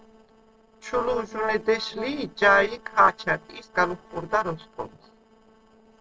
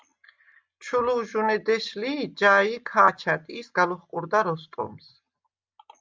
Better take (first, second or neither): second